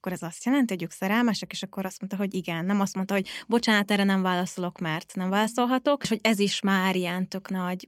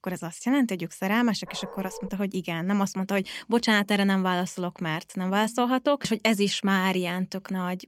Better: first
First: none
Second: dog barking; faint; at 1.5 s; peak 15 dB below the speech

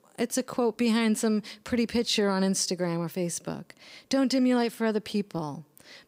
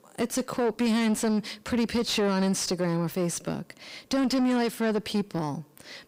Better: first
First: none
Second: distortion; slight; 10 dB below the speech

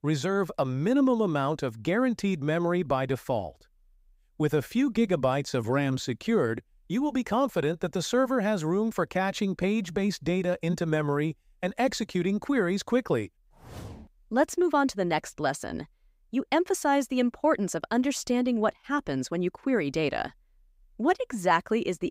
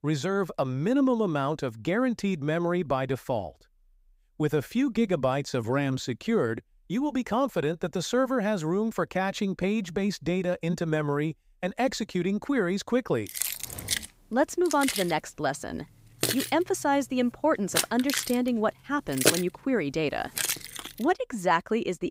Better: first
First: none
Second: jangling keys; loud; from 13 to 21 s; peak 4 dB above the speech

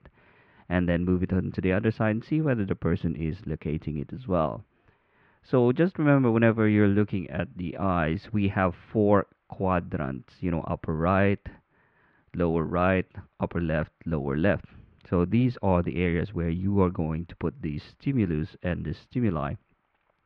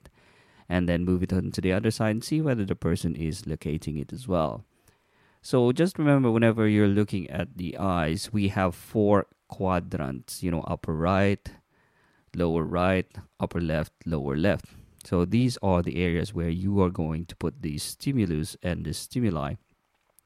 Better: second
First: muffled; very; fading above 3 kHz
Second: none

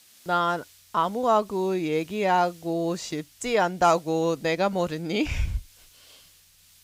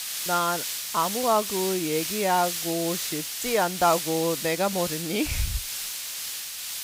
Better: first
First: hiss; faint; throughout; 25 dB below the speech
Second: hiss; loud; throughout; 3 dB below the speech

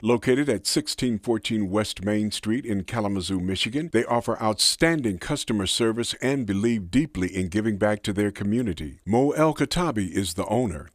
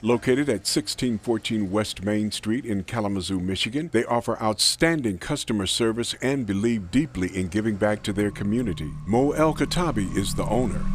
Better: first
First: none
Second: traffic noise; noticeable; throughout; 15 dB below the speech

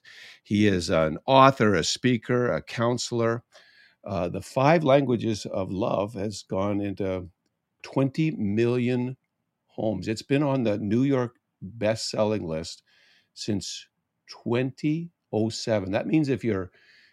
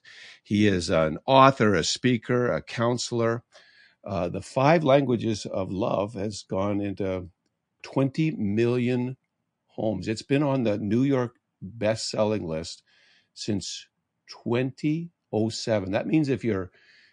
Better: first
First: none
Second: garbled, watery; slightly; nothing above 9 kHz

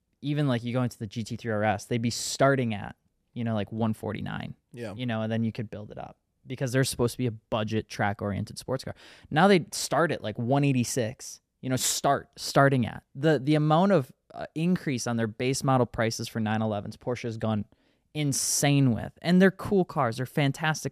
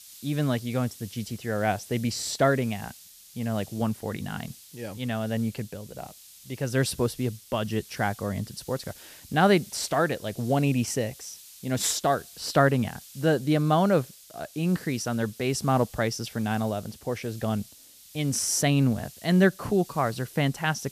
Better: first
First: none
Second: hiss; noticeable; throughout; 20 dB below the speech

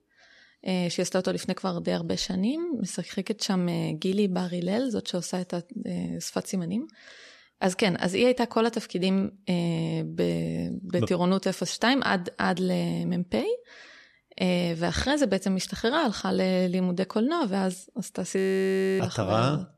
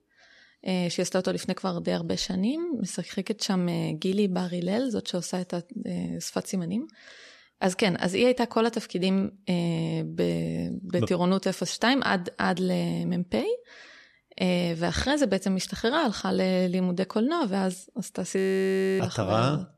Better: neither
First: audio freezing; at 18 s for 0.5 s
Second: audio freezing; at 18 s for 0.5 s

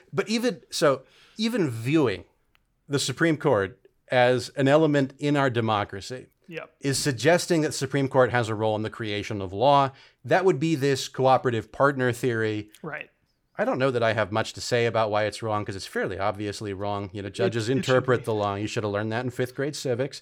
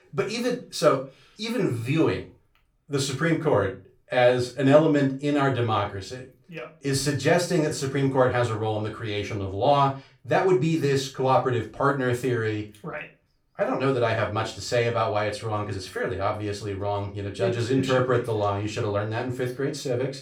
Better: first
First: none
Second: off-mic speech; somewhat distant // room echo; slight; dies away in 0.3 s

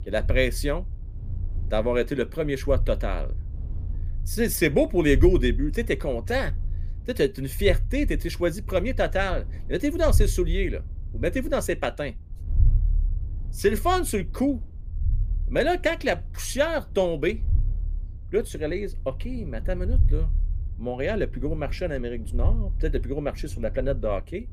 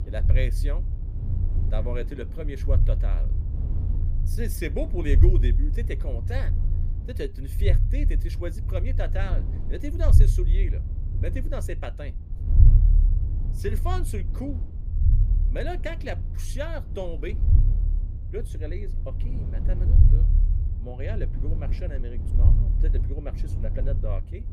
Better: first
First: low rumble; faint; throughout; 25 dB below the speech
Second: low rumble; loud; throughout; 7 dB below the speech

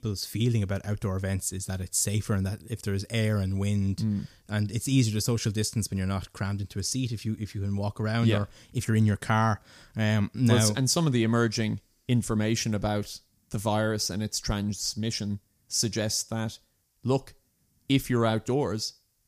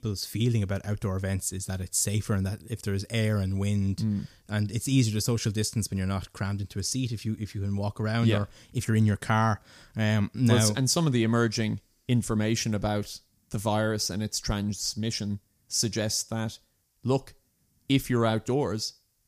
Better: neither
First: none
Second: none

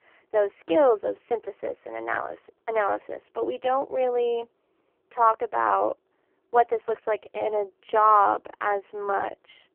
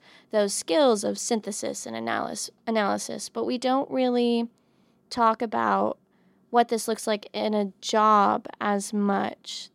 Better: second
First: phone-call audio; poor line; nothing above 3 kHz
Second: none

